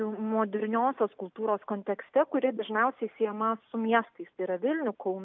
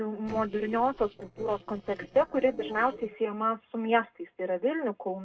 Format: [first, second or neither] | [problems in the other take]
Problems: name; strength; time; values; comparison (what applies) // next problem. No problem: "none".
first | noise reduction (neural separator model SepFormer DNS4)